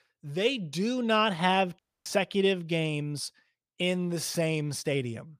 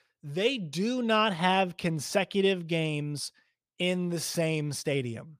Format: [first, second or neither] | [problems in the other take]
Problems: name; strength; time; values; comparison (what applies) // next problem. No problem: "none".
second | audio cutting out; at 2 s